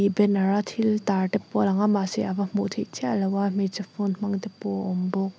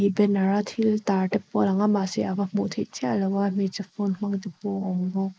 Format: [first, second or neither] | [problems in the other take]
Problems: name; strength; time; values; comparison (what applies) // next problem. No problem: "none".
first | noise reduction (neural mask model Resemble Enhance denoiser)